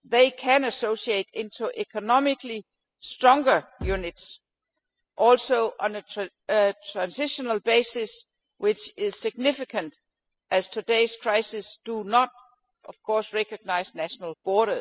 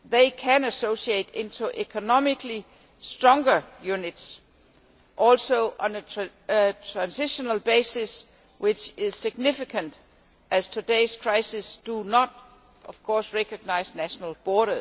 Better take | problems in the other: second | noise reduction (classical method spectral subtraction)

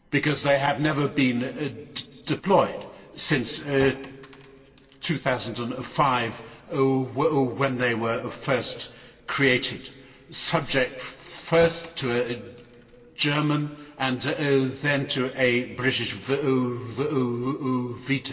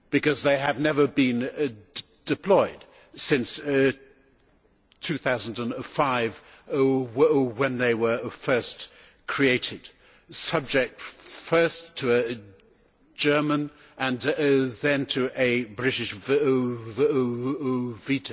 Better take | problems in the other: second | background sound (Chink, clink); 18 dB below the speech // room echo; dies away in 2.7 s

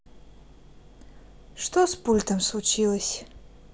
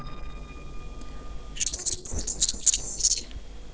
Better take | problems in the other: first | noise reduction (neural separator model SepFormer DNS4)

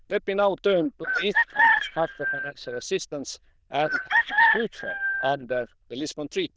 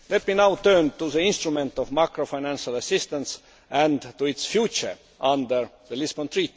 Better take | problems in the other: second | noise reduction (neural diffusion model UNIVERSE++)

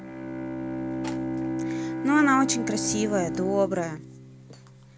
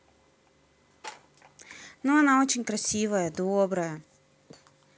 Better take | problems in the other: second | background sound (Bowed string instrument); 4 dB below the speech

